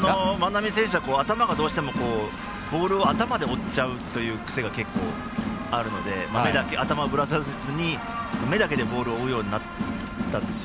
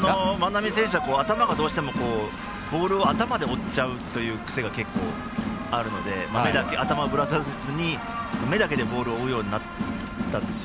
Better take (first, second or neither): first